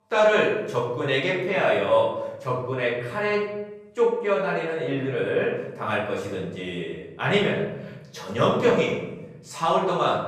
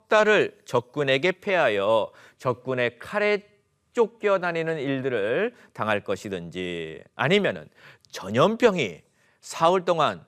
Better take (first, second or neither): second